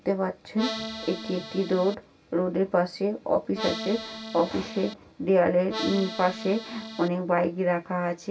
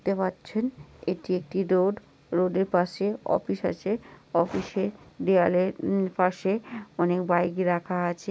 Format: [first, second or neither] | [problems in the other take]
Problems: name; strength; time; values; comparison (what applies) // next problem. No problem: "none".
second | background sound (Accordion); 9 dB below the speech // room echo; dies away in 0.2 s